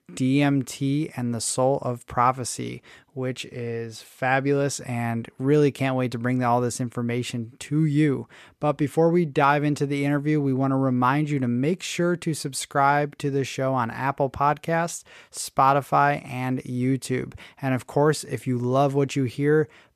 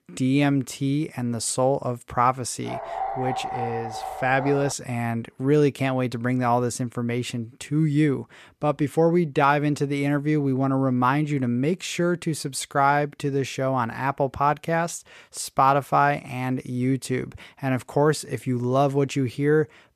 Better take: first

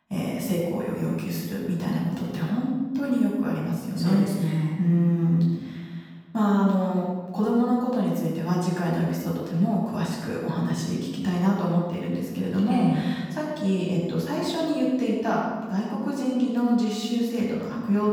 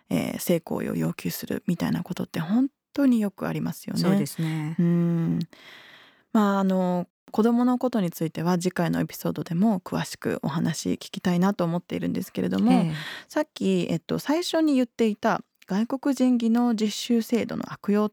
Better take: second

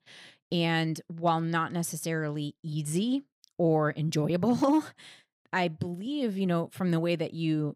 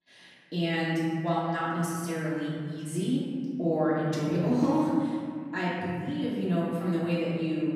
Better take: first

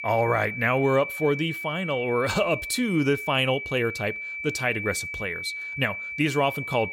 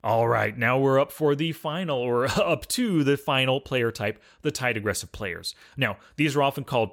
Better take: second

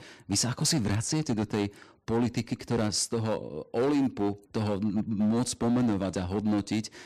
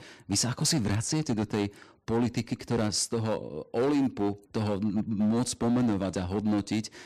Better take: neither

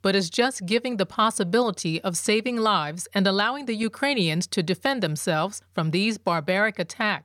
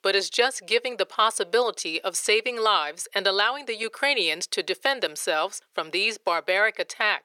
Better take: first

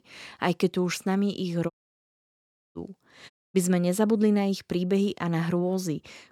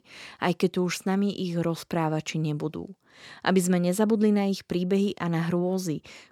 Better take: second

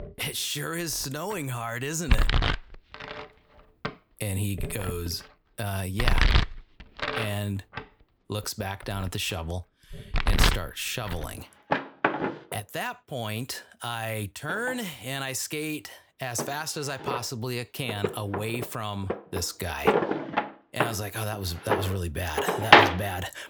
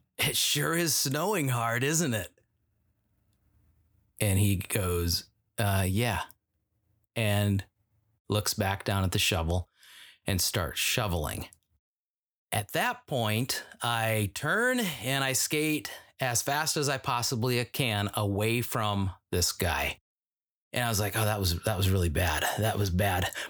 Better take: second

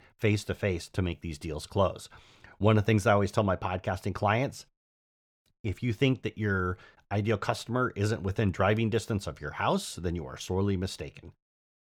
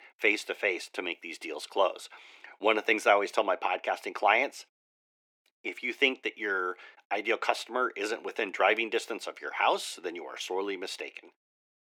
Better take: first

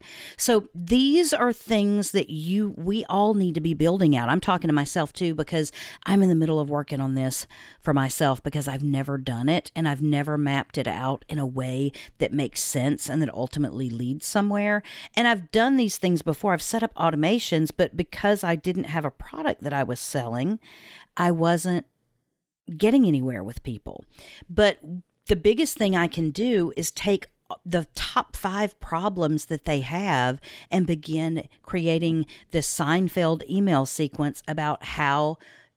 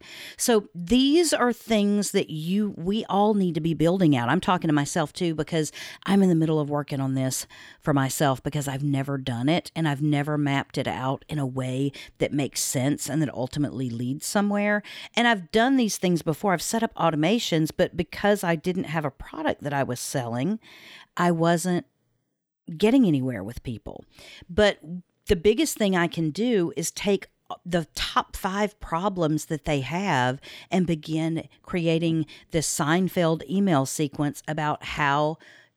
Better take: second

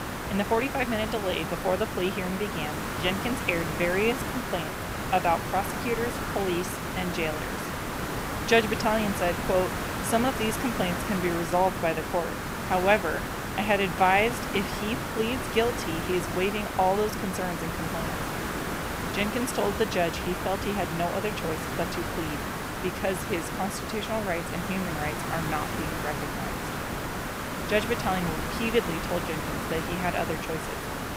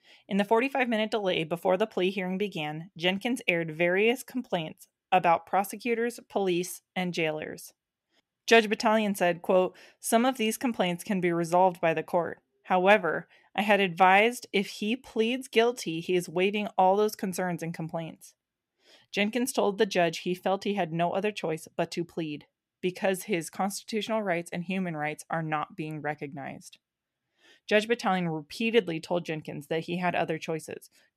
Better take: second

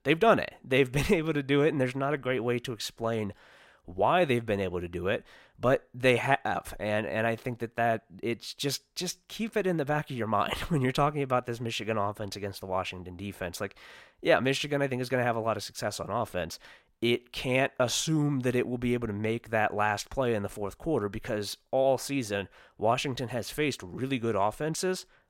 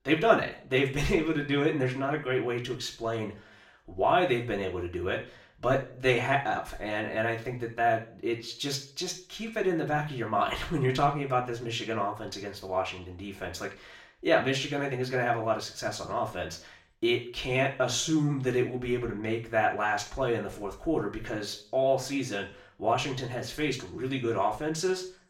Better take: first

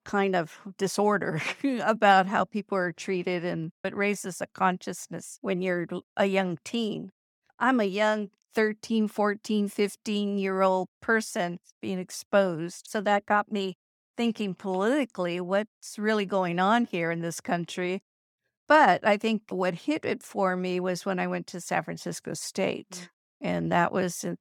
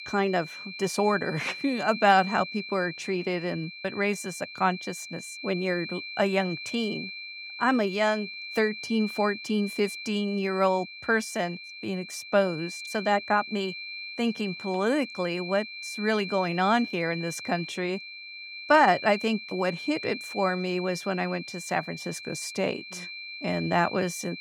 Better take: first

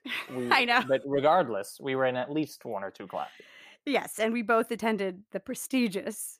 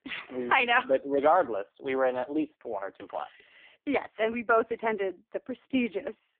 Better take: first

